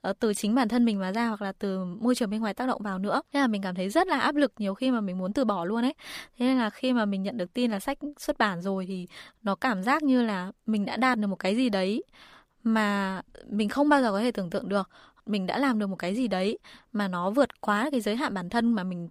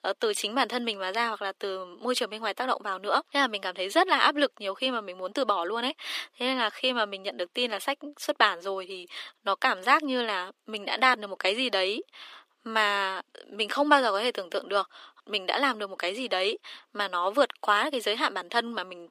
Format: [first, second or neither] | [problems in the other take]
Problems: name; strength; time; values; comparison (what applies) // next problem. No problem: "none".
first | thin; somewhat; fading below 300 Hz